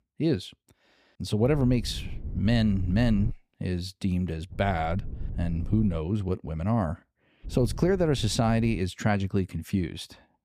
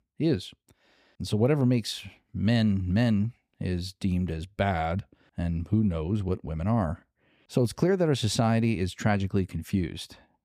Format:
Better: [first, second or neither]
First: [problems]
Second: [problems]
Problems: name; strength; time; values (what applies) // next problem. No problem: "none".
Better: second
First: wind noise on the microphone; occasional gusts; from 1.5 to 3.5 s, from 4.5 to 6 s and from 7.5 to 9 s; 20 dB below the speech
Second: none